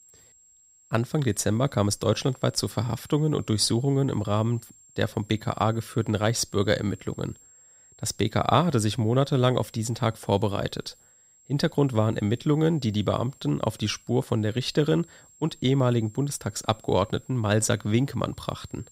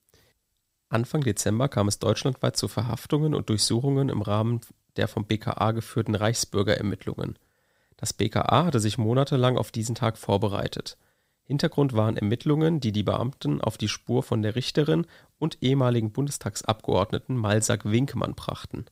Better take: second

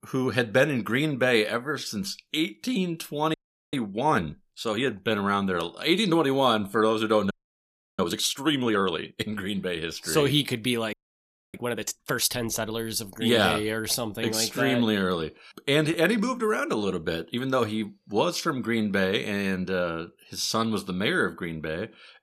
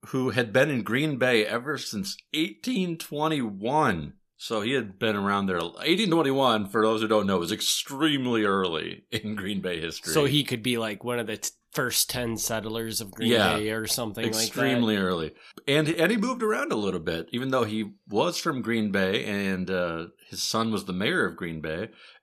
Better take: second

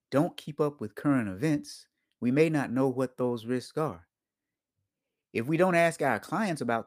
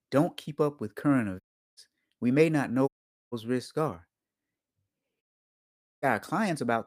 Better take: first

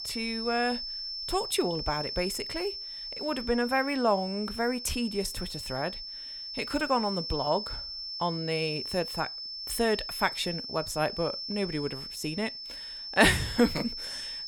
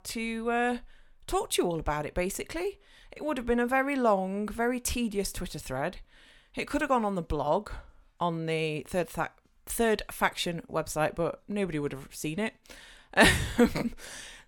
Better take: second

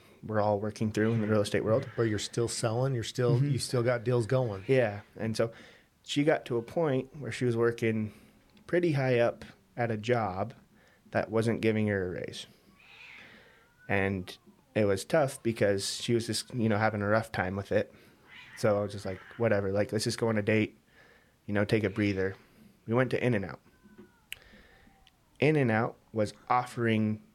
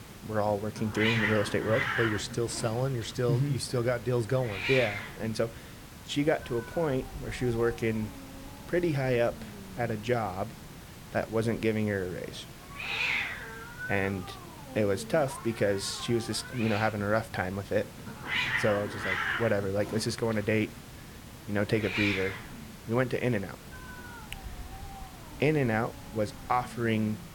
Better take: first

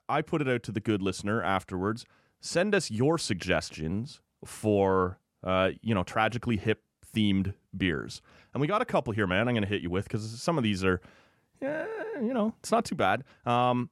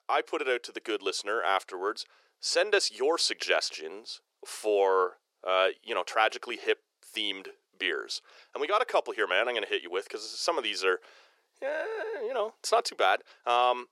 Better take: first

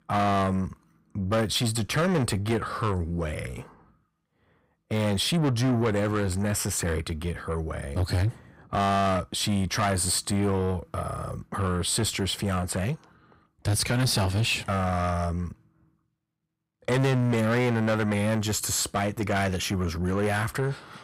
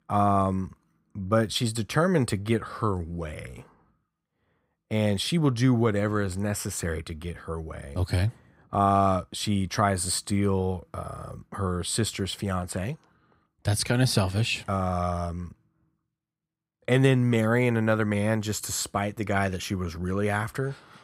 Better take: second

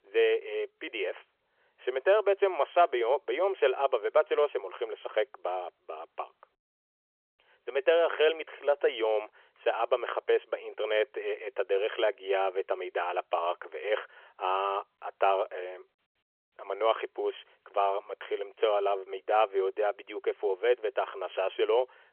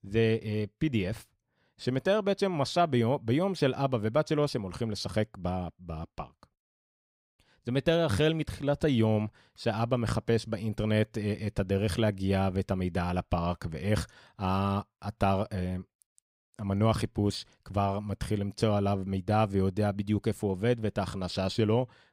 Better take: second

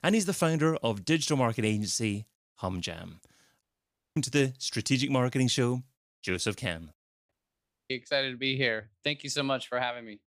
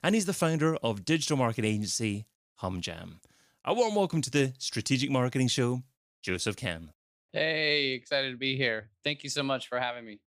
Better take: second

